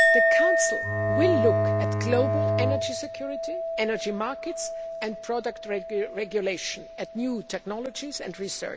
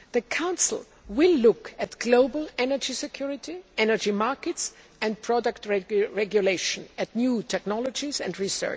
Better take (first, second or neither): second